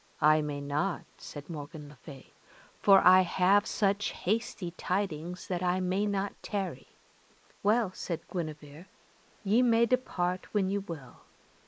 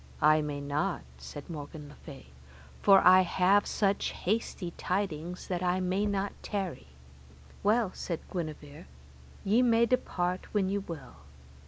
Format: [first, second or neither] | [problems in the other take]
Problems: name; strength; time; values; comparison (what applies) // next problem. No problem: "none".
second | noise reduction (neural mask model Resemble Enhance denoiser)